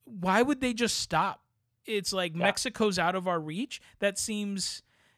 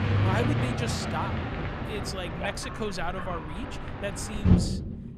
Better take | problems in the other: first | traffic noise; very loud; throughout; 5 dB above the speech

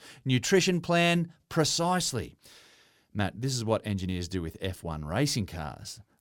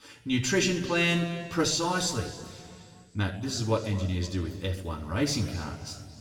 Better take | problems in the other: first | room echo; slight; dies away in 1.9 s // off-mic speech; somewhat distant

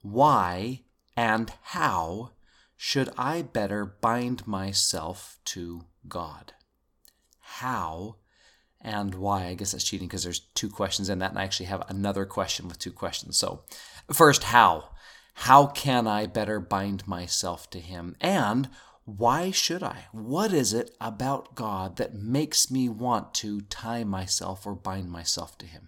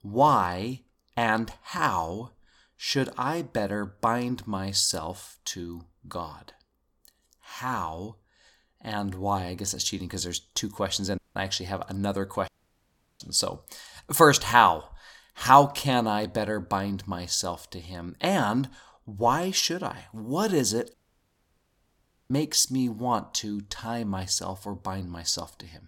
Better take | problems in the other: first | audio cutting out; at 11 s, at 12 s for 0.5 s and at 21 s for 1.5 s

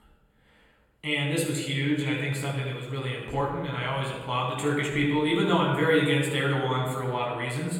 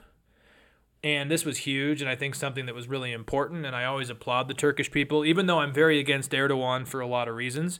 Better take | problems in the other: second | off-mic speech; far // room echo; noticeable; dies away in 1.3 s

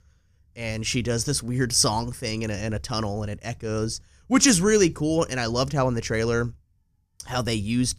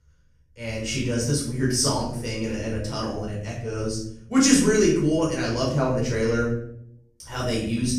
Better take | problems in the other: first | room echo; noticeable; dies away in 0.6 s // off-mic speech; far

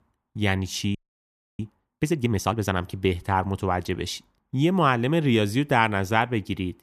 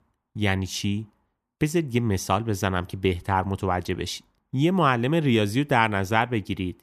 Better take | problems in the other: second | audio freezing; at 1 s for 0.5 s

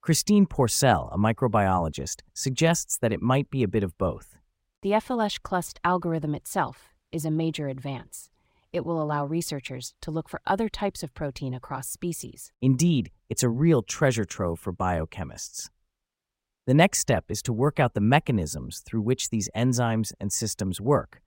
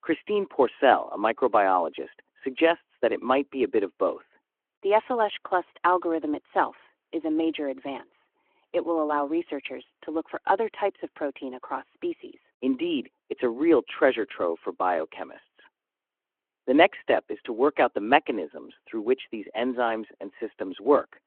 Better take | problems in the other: first | phone-call audio

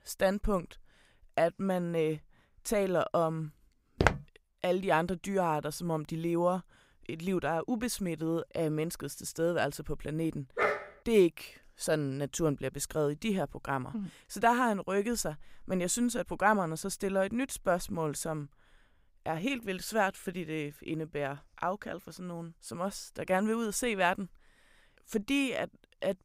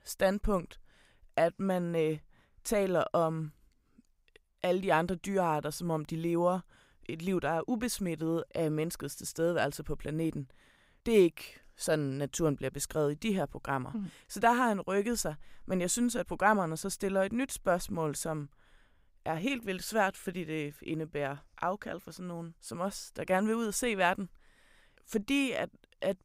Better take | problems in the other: second | footsteps; loud; at 4 s; peak 3 dB above the speech // dog barking; loud; at 11 s; peak 1 dB above the speech

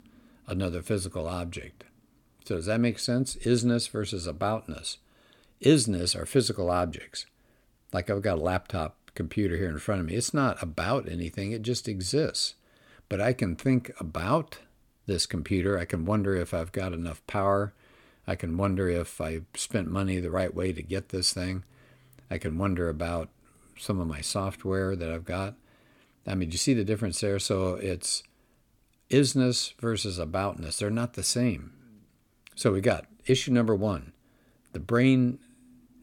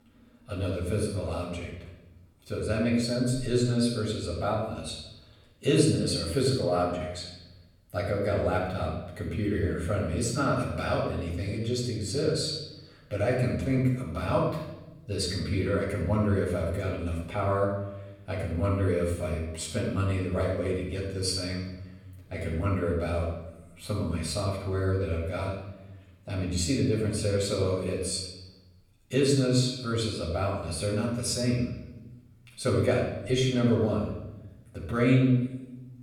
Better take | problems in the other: first | off-mic speech; far // room echo; noticeable; dies away in 0.9 s

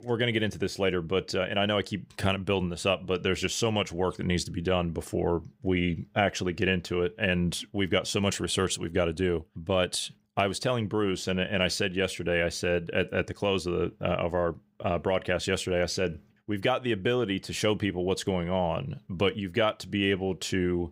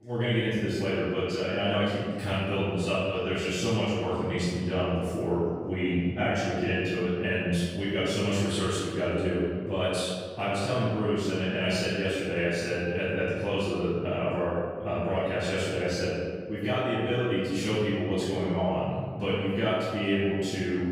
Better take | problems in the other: first | off-mic speech; far // room echo; strong; dies away in 1.6 s

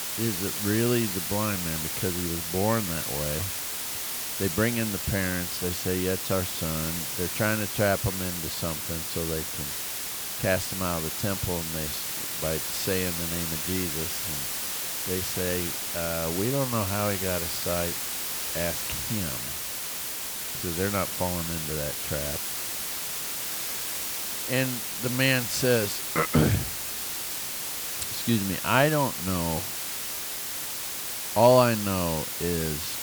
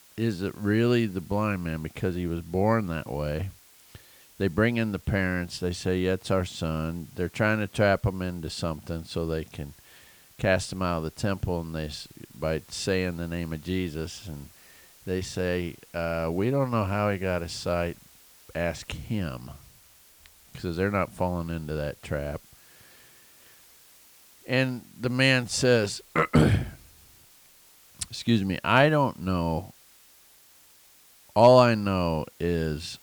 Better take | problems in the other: second | hiss; loud; throughout; 1 dB below the speech; faint in the second

